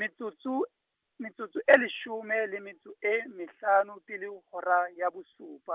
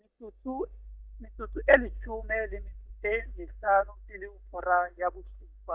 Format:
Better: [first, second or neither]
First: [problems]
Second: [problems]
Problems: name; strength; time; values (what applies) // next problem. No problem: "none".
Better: first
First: none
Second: noise reduction (neural mask model DeepFilterNet 3)